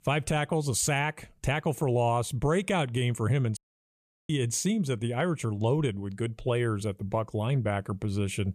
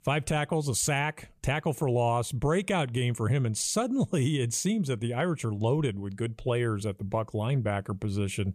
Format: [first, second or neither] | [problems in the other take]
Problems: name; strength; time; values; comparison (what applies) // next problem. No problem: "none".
second | audio cutting out; at 3.5 s for 0.5 s